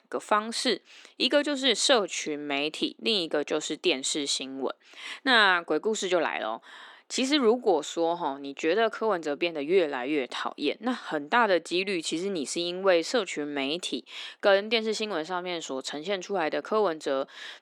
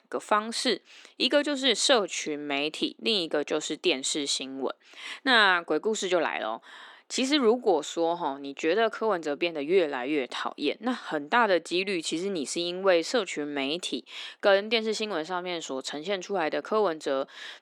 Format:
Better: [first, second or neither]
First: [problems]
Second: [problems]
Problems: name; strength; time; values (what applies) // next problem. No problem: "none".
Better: neither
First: thin; somewhat; fading below 300 Hz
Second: thin; somewhat; fading below 300 Hz